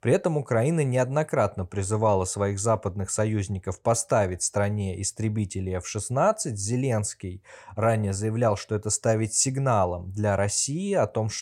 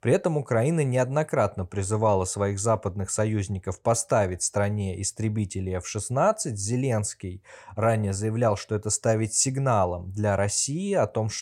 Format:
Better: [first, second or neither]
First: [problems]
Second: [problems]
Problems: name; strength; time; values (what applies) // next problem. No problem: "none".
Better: neither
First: none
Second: none